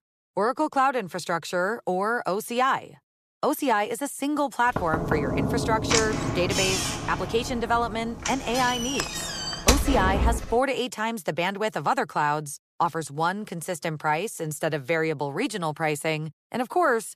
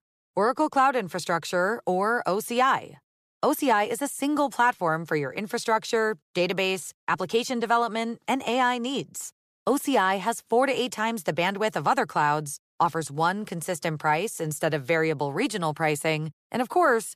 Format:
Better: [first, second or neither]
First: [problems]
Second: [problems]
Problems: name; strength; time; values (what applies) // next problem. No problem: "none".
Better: second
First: door banging; loud; from 5 to 10 s; peak 4 dB above the speech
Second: none